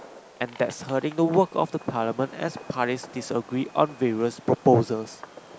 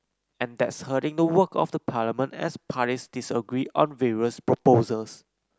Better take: second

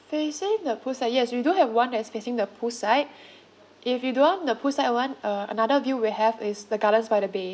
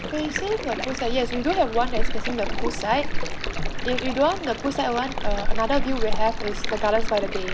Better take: first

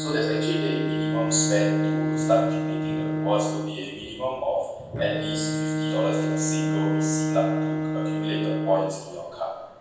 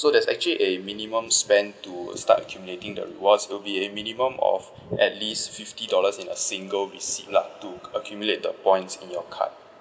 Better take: second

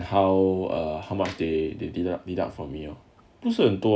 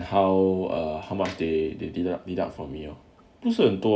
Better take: first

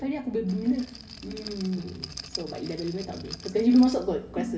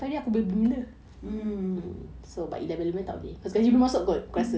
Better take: second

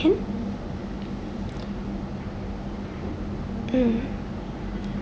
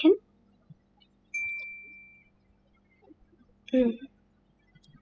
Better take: first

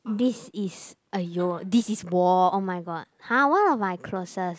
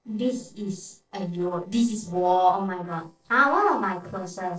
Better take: first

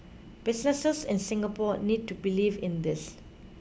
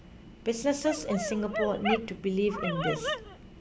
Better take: first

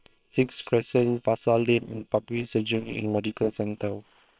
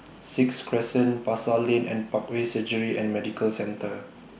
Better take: second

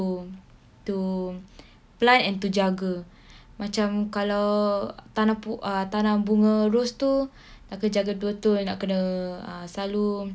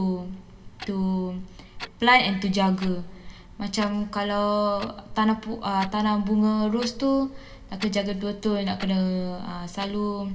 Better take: first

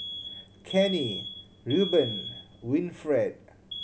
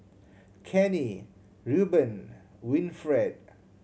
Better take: second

